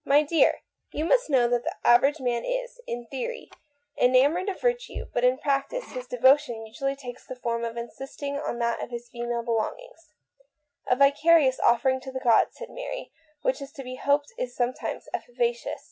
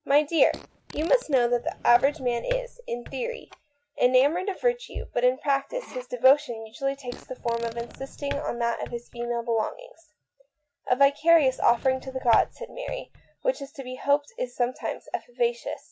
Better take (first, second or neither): first